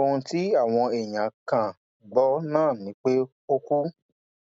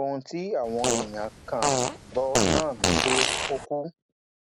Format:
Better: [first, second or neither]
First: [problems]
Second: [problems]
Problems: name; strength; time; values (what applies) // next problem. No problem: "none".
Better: first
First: none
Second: background sound (Fart); 4 dB above the speech